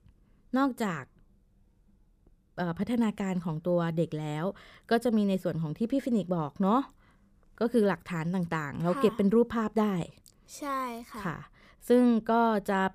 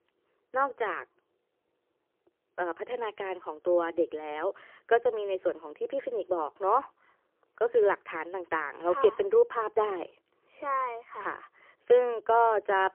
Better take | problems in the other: first | phone-call audio; poor line; nothing above 3 kHz

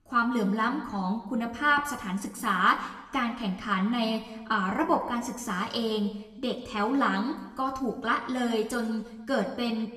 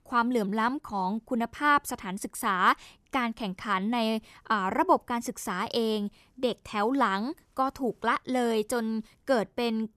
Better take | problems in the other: second | room echo; slight; dies away in 0.9 s // off-mic speech; somewhat distant

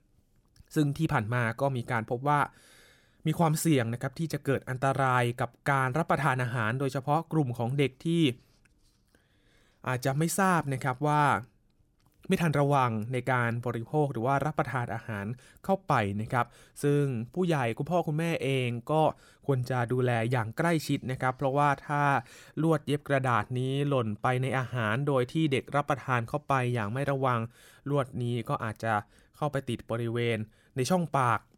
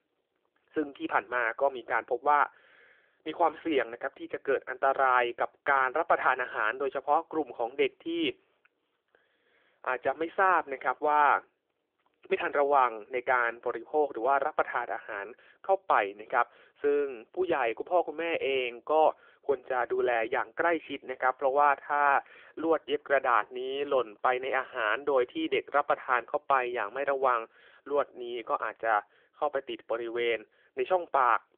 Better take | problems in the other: first | phone-call audio; nothing above 3.5 kHz

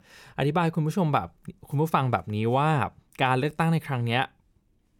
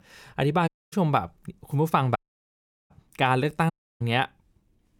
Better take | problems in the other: first | audio cutting out; at 0.5 s, at 2 s for 0.5 s and at 3.5 s

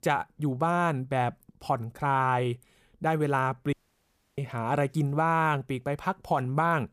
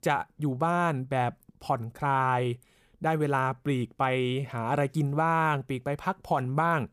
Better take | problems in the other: second | audio cutting out; at 3.5 s for 0.5 s

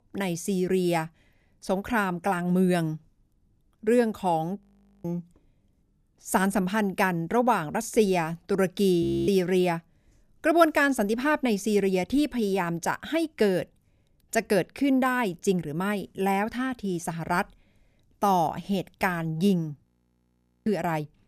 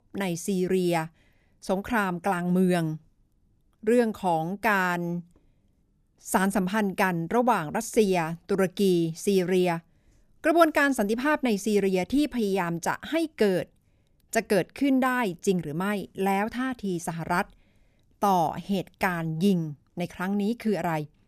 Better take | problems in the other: second | audio freezing; at 4.5 s, at 9 s and at 20 s for 1 s

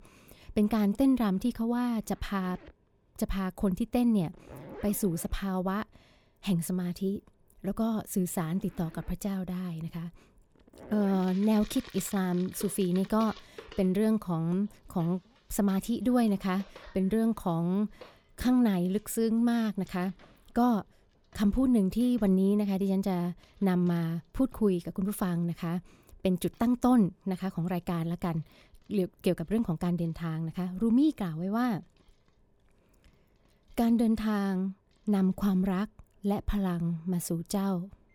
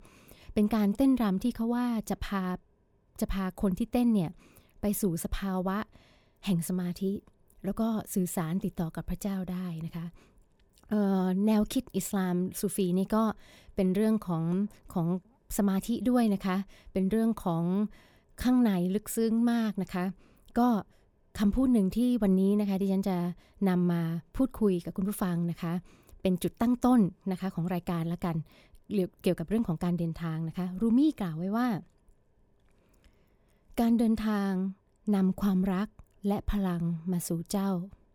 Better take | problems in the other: second | household noises; faint; throughout; 25 dB below the speech

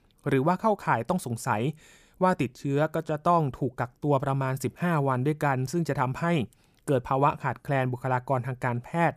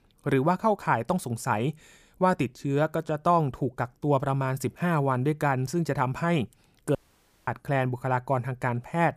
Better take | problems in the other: first | audio cutting out; at 7 s for 0.5 s

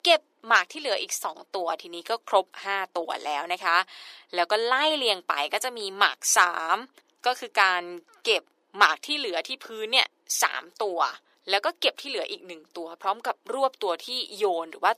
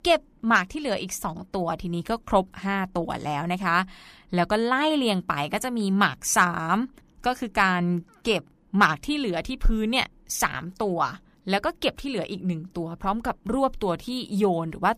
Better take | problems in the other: second | thin; very; fading below 400 Hz

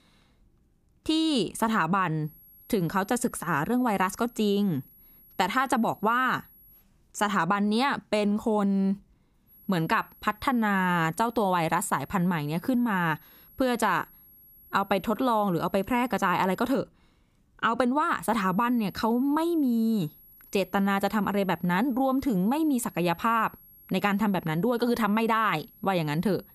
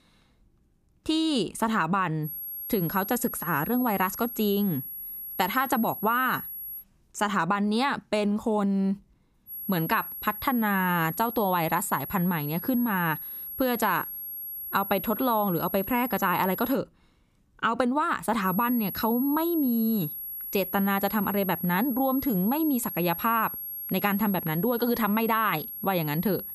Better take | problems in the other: first | high-pitched whine; loud; from 2.5 to 7 s, from 9.5 to 17 s and from 18 s on; 11.5 kHz, 7 dB below the speech; faint in the first

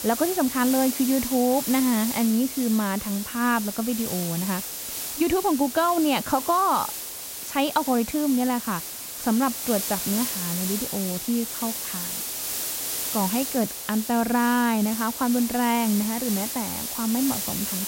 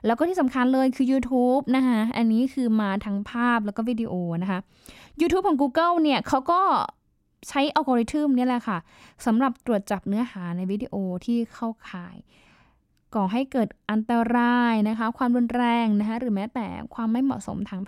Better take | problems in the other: second | hiss; loud; throughout; 4 dB below the speech

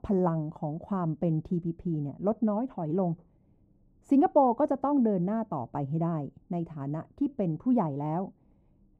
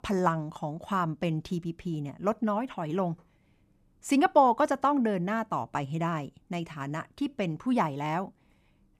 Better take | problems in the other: second | muffled; very; fading above 1 kHz

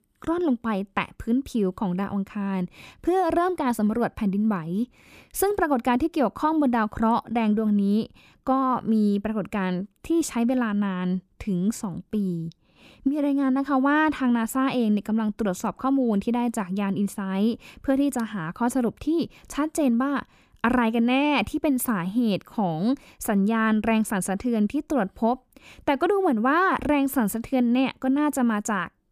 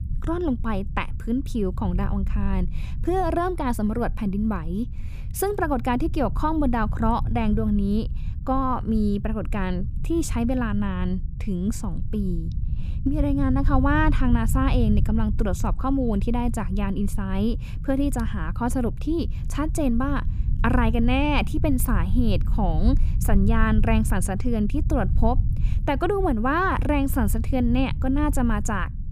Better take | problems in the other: first | low rumble; noticeable; throughout; 15 dB below the speech

